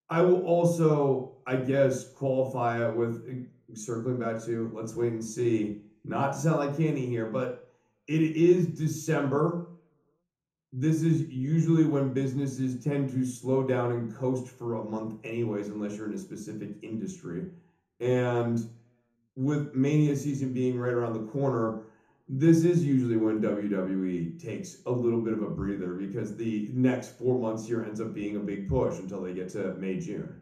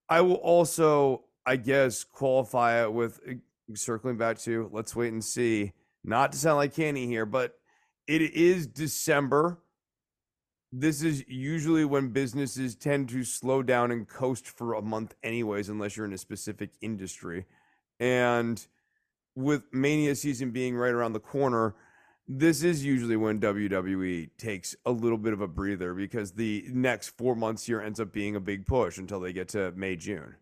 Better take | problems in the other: second | room echo; slight; dies away in 0.5 s // off-mic speech; somewhat distant

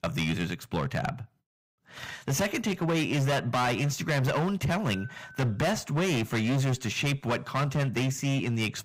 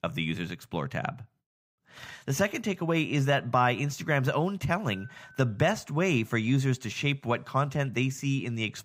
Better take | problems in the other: second | distortion; heavy; 17% of the sound clipped

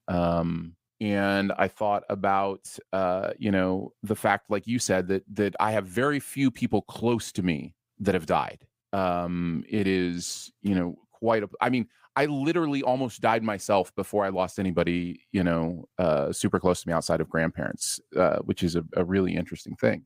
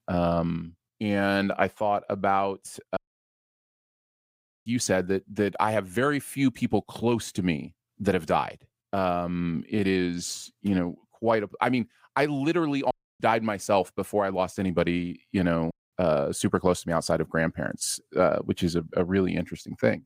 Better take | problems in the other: first | audio cutting out; at 3 s for 1.5 s, at 13 s and at 16 s

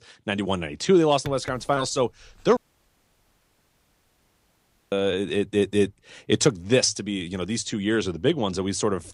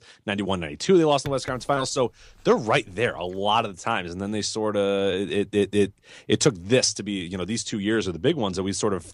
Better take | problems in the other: second | audio cutting out; at 2.5 s for 2.5 s

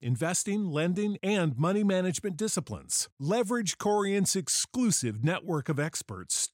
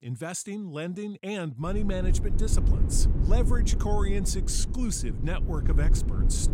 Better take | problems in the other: first | low rumble; loud; from 1.5 s on; 8 dB below the speech

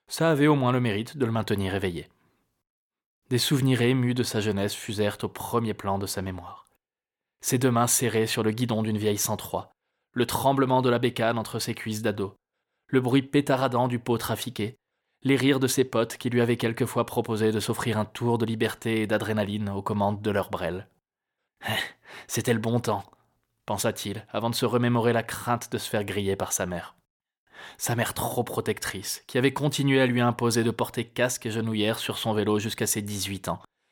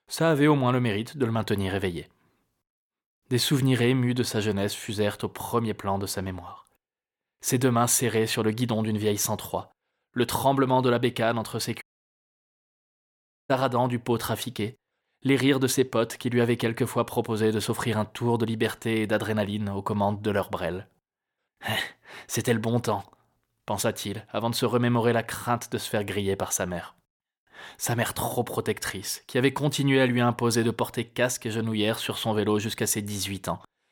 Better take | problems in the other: first | audio cutting out; at 12 s for 1.5 s

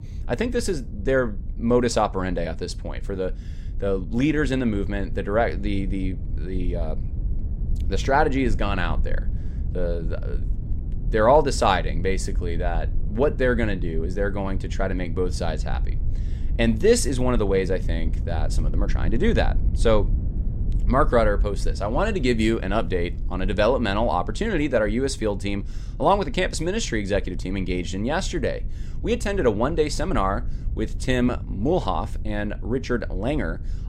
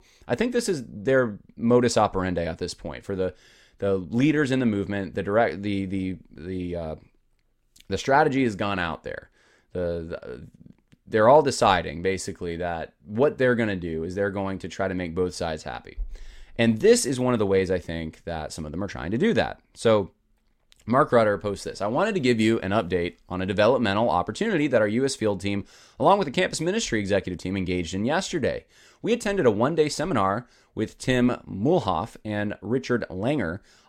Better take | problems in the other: second | low rumble; faint; throughout; 20 dB below the speech

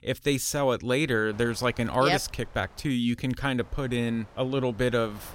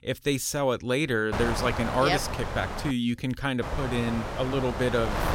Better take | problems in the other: first | wind noise on the microphone; heavy; from 1.5 to 3 s and from 3.5 s on; 5 dB below the speech; occasional gusts in the first

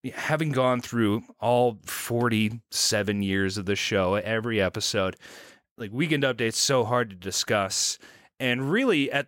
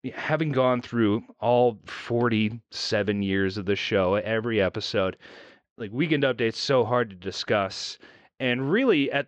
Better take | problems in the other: first | muffled; very slightly; fading above 4.5 kHz

